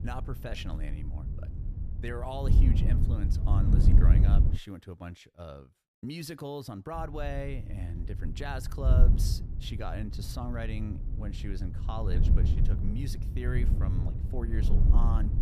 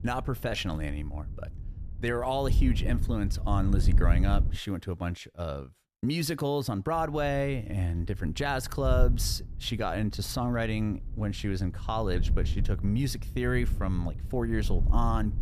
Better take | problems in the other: second | wind noise on the microphone; heavy; until 4.5 s and from 7 s on; 3 dB below the speech; occasional gusts in the second

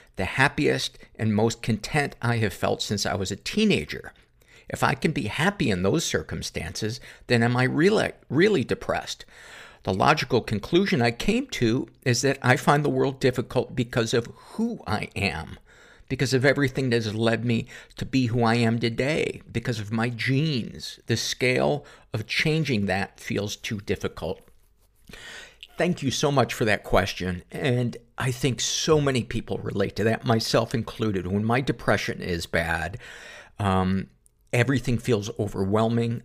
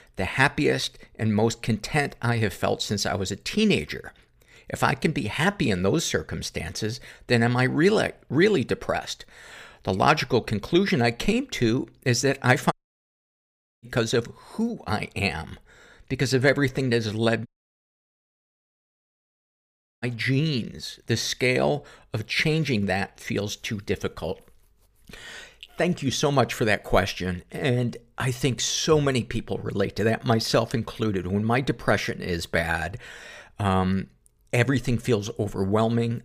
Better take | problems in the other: first | audio cutting out; at 13 s for 1 s and at 17 s for 2.5 s

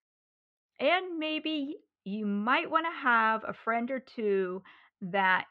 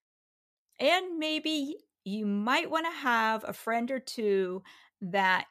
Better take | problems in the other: second | muffled; very; fading above 3 kHz

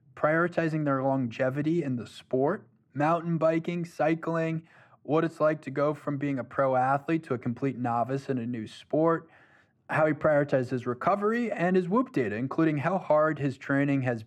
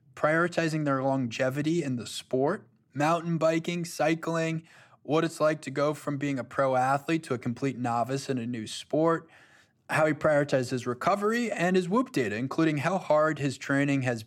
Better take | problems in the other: second | muffled; slightly; fading above 3 kHz

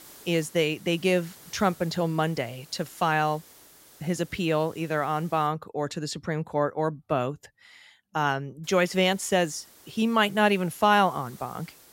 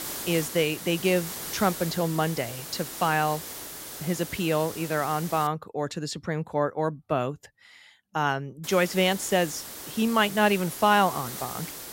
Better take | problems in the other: first | hiss; loud; until 5.5 s and from 8.5 s on; 9 dB below the speech; faint in the first

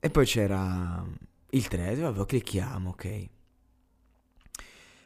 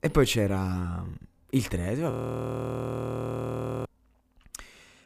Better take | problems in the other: first | audio freezing; at 2 s for 1.5 s

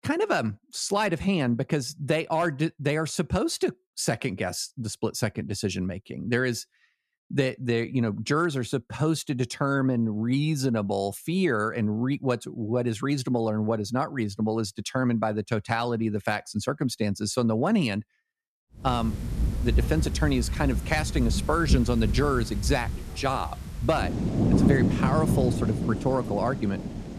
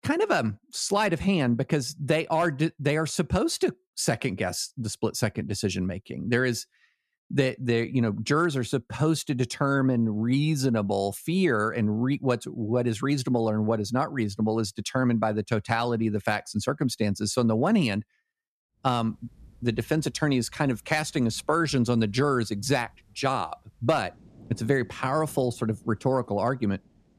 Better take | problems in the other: second | rain or running water; loud; from 19 s on; 1 dB below the speech; faint in the second

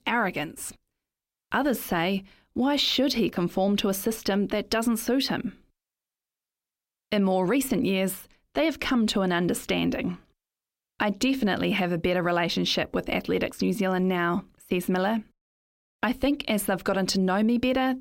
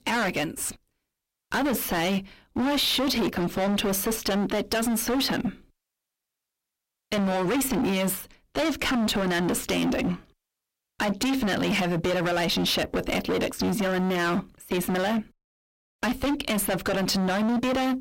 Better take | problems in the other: first | distortion; heavy; 26% of the sound clipped

